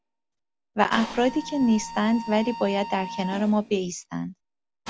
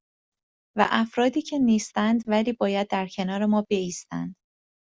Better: second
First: background sound (Mechanisms); 13 dB below the speech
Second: none

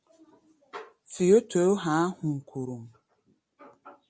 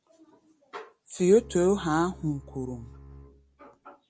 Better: first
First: none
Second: background sound (Bowed string instrument); 19 dB below the speech

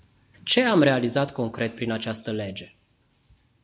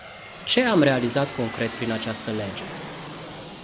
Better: first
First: none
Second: background sound (Aircraft); 12 dB below the speech

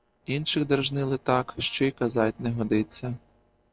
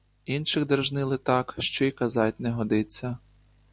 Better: second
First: noise reduction (neural separator model SepFormer DNS4)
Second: none

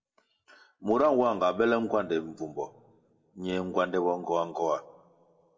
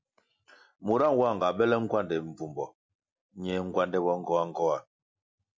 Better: second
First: room echo; dies away in 0.3 s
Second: none

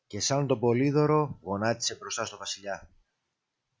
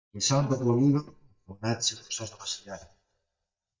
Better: first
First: none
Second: noise reduction (neural mask model DeepFilterNet 3)

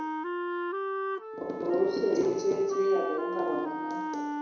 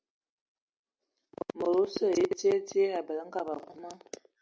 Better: second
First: background sound (Wind instrument, woodwind instrument); 4 dB below the speech // room echo; dies away in 1 s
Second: none

